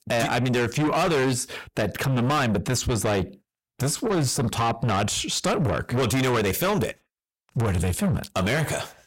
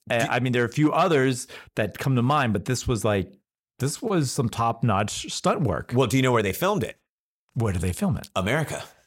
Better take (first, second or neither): second